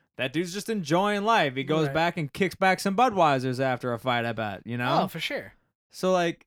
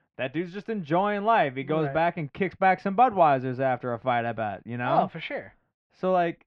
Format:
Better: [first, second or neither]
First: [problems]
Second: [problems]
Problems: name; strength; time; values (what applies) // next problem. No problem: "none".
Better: first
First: none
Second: muffled; very; fading above 2.5 kHz